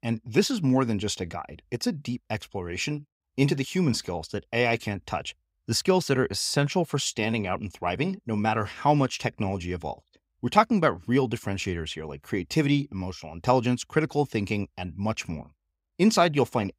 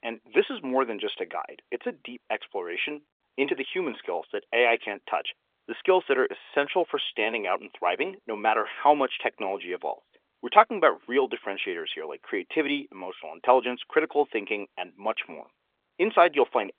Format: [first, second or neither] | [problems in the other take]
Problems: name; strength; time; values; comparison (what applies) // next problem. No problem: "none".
first | phone-call audio; nothing above 3.5 kHz